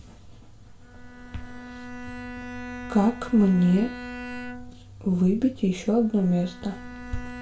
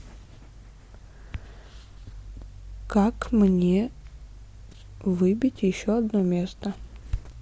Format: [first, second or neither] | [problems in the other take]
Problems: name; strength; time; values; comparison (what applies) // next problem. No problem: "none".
second | background sound (Bowed string instrument); 14 dB below the speech // room echo; dies away in 0.3 s